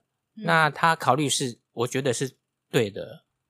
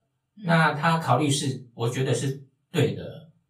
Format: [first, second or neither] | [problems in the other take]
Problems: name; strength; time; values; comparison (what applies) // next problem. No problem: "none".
first | off-mic speech; far // room echo; very slight; dies away in 0.3 s